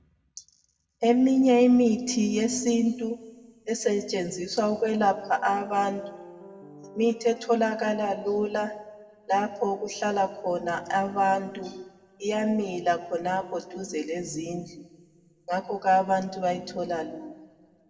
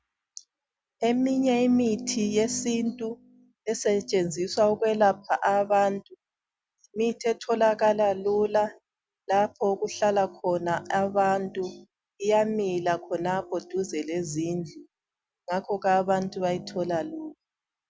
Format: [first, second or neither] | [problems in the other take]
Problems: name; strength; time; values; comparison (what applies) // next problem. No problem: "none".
second | background sound (Piano); 19 dB below the speech // room echo; dies away in 0.9 s